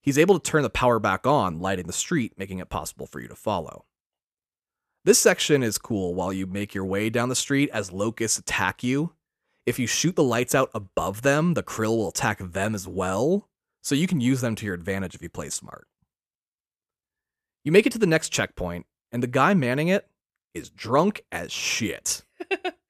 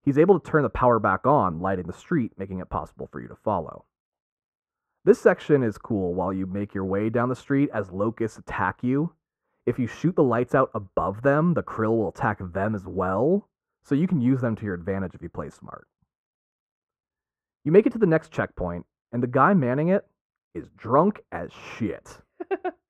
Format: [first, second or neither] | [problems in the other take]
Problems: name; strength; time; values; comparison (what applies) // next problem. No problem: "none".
first | muffled; very; fading above 2 kHz